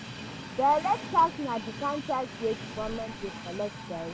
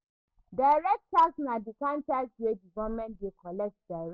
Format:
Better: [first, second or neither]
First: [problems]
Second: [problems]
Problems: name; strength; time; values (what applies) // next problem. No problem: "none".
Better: second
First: background sound (Train); 10 dB below the speech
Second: none